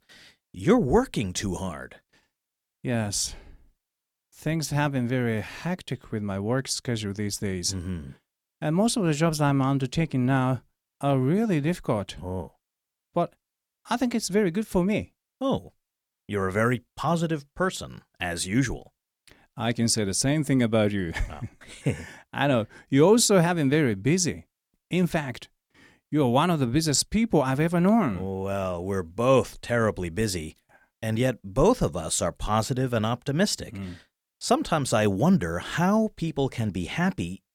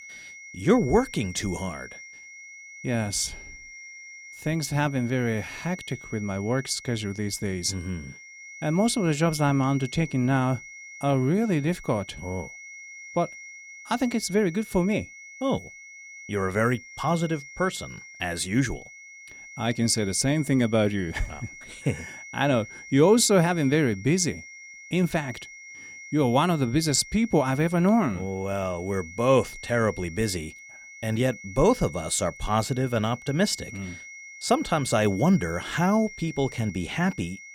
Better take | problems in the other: first | high-pitched whine; noticeable; throughout; 2 kHz, 15 dB below the speech

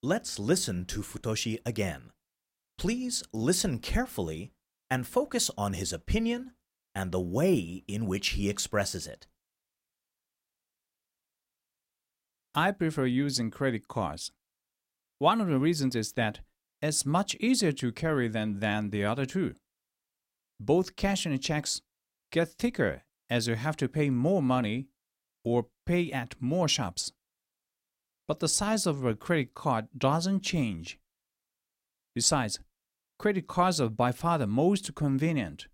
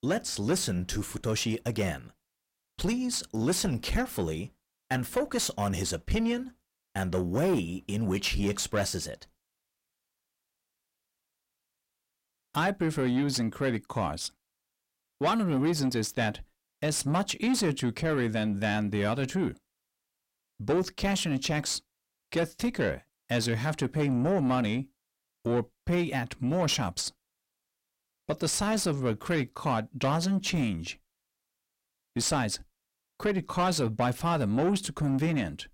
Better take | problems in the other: first | distortion; slight; 10 dB below the speech

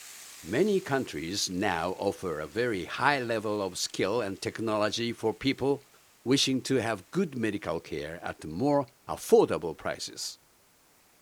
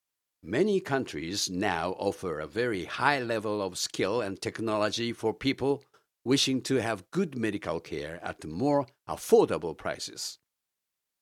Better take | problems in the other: second | hiss; faint; throughout; 25 dB below the speech

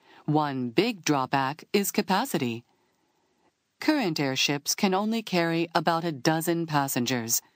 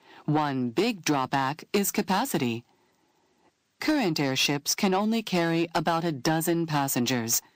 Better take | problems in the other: first | distortion; slight; 10 dB below the speech

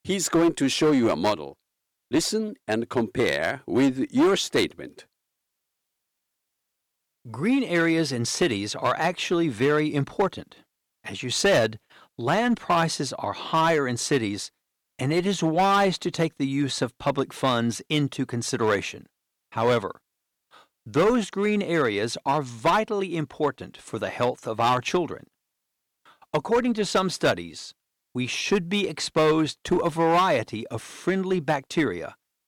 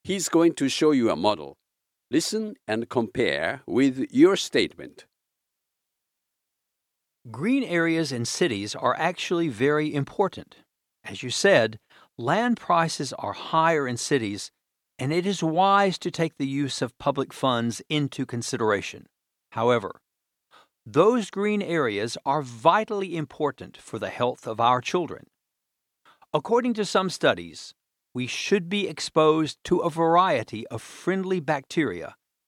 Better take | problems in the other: second | distortion; slight; 5% of the sound clipped

